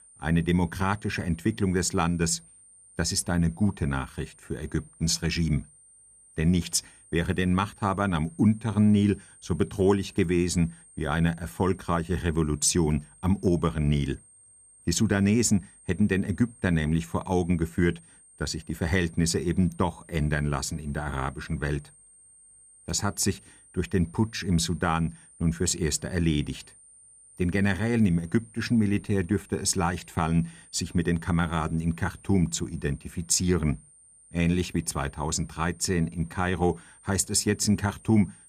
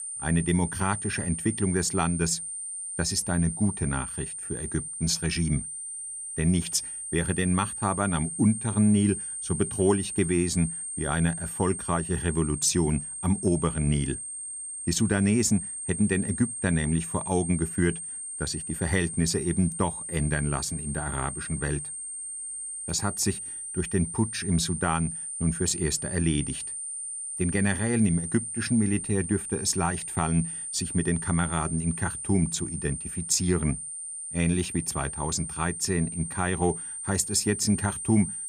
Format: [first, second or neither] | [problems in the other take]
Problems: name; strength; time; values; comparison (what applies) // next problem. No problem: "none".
first | high-pitched whine; loud; throughout; 9 kHz, 6 dB below the speech; faint in the first